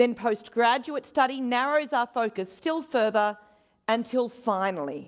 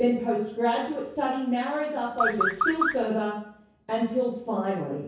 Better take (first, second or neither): first